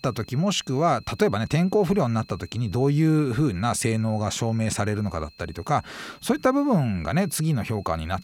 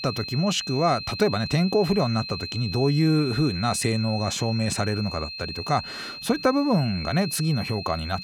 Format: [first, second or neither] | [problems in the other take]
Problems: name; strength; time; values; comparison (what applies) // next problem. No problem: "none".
first | high-pitched whine; loud; throughout; 4 kHz, 8 dB below the speech; faint in the first